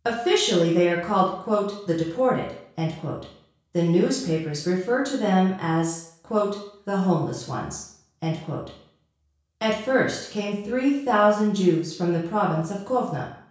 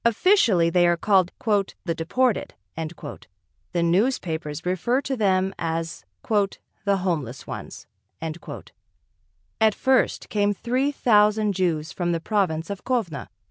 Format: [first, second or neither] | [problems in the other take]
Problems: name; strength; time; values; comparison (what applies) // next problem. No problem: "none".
second | room echo; dies away in 0.6 s